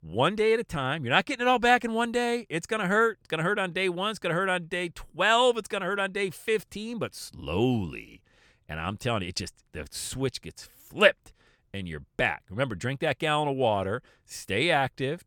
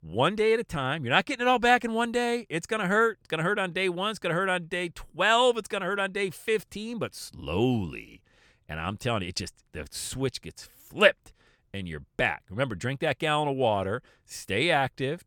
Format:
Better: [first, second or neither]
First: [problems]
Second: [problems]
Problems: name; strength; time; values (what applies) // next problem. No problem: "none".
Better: neither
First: none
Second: none